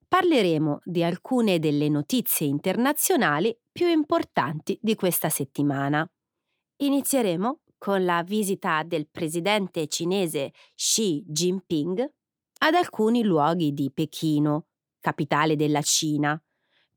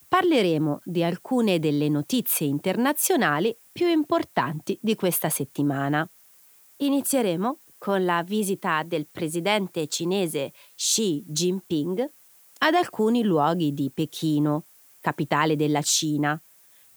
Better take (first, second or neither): first